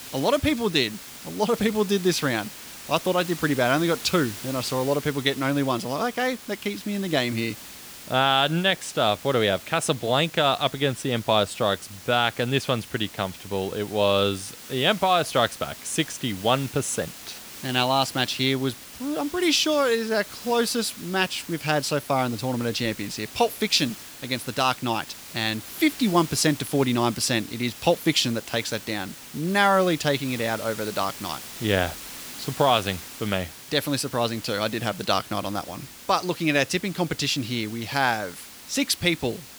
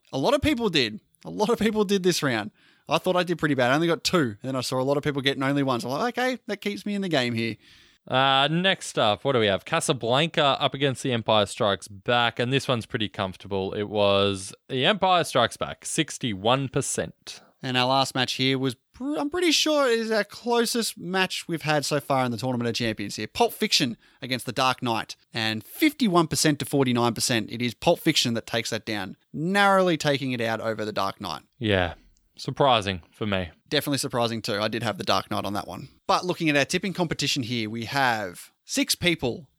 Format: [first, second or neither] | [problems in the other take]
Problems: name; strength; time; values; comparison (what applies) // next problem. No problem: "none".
second | hiss; noticeable; throughout; 15 dB below the speech